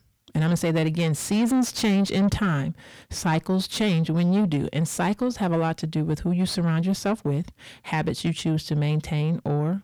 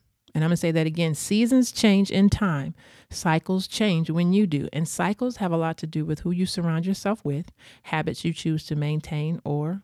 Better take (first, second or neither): second